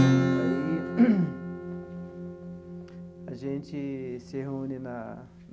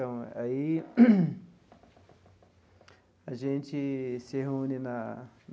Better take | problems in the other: second | background sound (Acoustic guitar / Strum); 1 dB above the speech

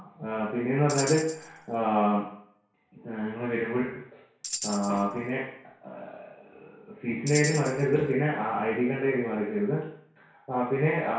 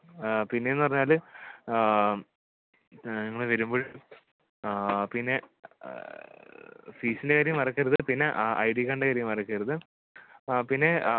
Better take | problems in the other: second | background sound (Tambourine); 10 dB below the speech // room echo; dies away in 0.6 s

